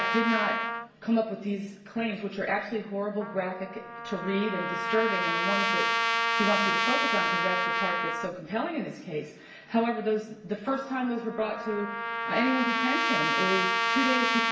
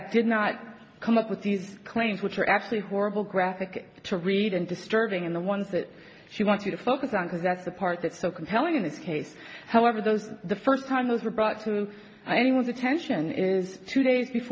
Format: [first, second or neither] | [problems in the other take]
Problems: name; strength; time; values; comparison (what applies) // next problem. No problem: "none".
second | background sound (Trumpet); 1 dB above the speech // room echo; dies away in 0.7 s